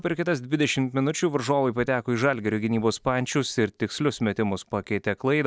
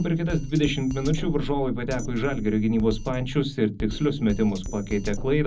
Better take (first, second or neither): first